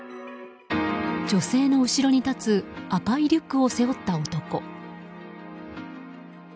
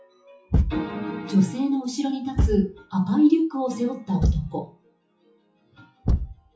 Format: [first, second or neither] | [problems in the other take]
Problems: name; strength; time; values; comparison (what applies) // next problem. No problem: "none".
first | noise reduction (classical method WPE with log-MMSE)